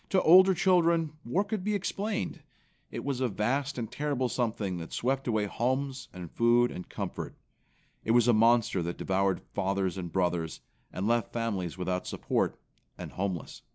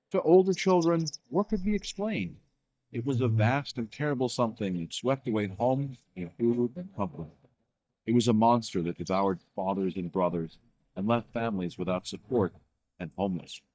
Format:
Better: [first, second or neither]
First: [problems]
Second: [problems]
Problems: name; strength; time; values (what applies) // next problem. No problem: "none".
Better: first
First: none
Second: noise reduction (neural mask model DeepFilterNet 3)